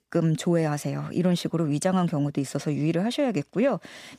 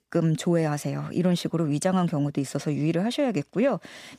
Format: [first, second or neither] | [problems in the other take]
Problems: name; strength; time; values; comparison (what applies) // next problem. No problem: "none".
neither | none